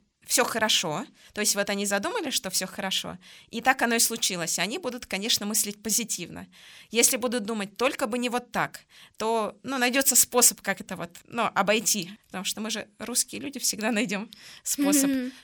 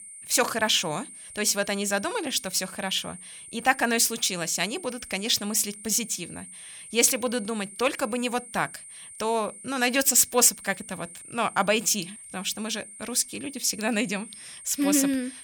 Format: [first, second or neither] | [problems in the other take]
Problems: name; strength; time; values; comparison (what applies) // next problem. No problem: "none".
first | high-pitched whine; noticeable; throughout; 8.5 kHz, 15 dB below the speech